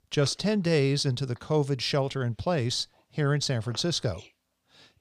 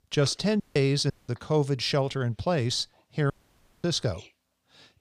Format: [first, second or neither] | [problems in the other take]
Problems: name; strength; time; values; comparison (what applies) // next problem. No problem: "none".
first | audio cutting out; at 0.5 s, at 1 s and at 3.5 s for 0.5 s